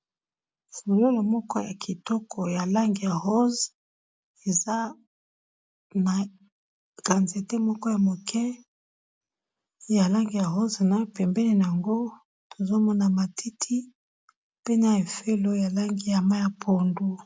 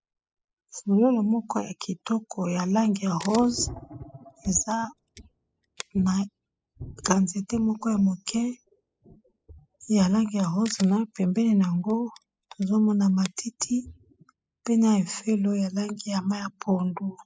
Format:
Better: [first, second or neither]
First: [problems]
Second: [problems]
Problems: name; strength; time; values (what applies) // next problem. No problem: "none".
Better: first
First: none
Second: noise reduction (classical method spectral subtraction)